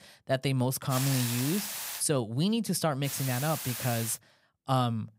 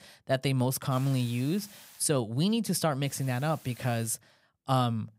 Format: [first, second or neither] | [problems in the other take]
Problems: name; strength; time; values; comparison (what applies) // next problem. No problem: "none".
second | hiss; loud; from 1 to 2 s and from 3 to 4 s; 5 dB below the speech; faint in the second